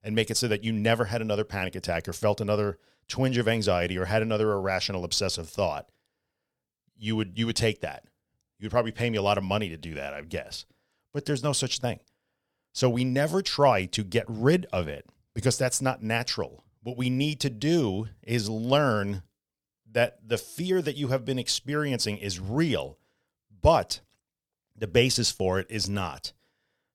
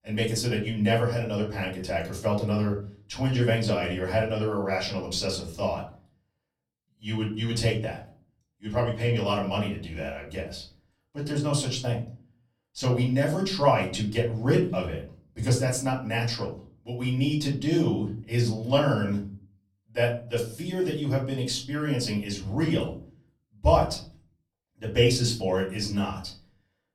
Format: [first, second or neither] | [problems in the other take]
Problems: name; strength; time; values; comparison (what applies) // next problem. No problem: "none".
first | off-mic speech; far // room echo; slight; dies away in 0.5 s